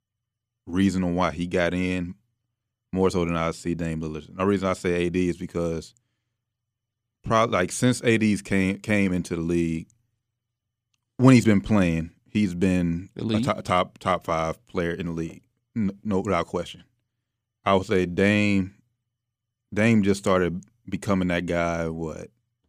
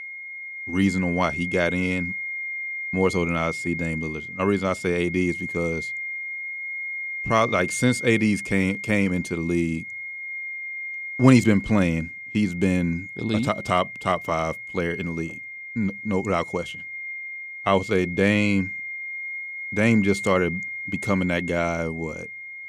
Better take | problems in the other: first | high-pitched whine; loud; throughout; 2 kHz, 7 dB below the speech

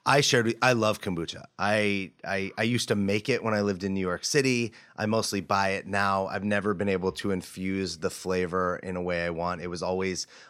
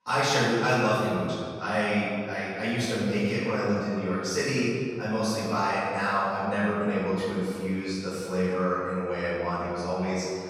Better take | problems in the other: first | off-mic speech; far // room echo; strong; dies away in 1.8 s

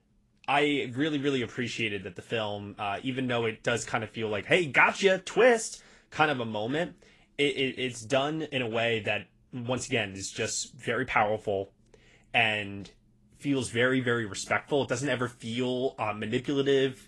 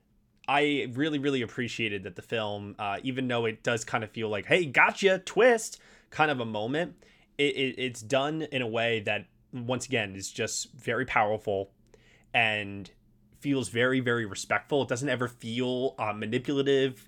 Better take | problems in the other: second | garbled, watery; slightly

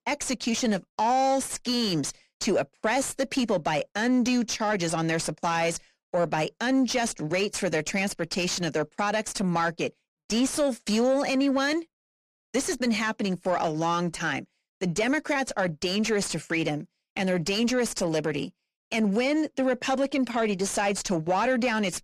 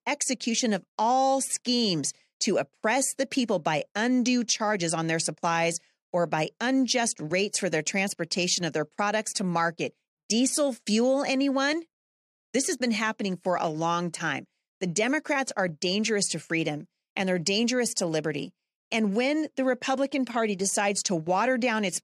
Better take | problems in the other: second | distortion; slight; 10 dB below the speech

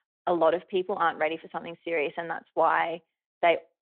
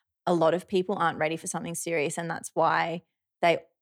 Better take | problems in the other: second | phone-call audio

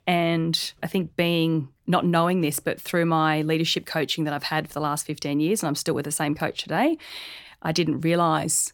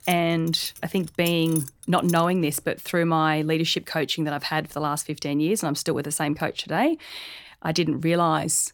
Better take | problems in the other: first | jangling keys; noticeable; until 2 s; peak 8 dB below the speech

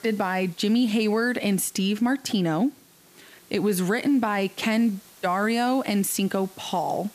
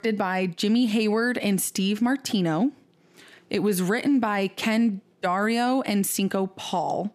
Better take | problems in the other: second | hiss; faint; throughout; 25 dB below the speech

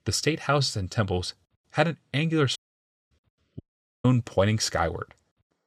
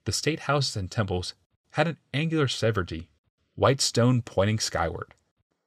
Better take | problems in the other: second | audio cutting out; at 2.5 s for 0.5 s and at 3.5 s

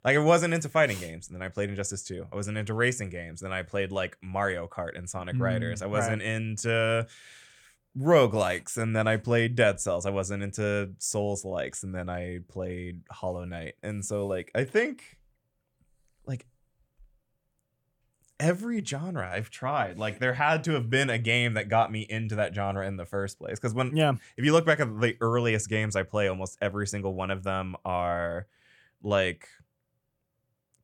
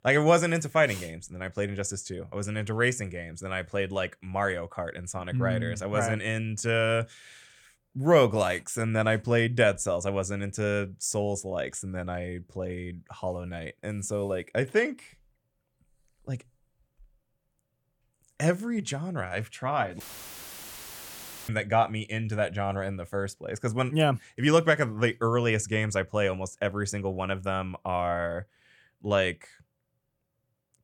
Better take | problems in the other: first | audio cutting out; filled with static; at 20 s for 1.5 s

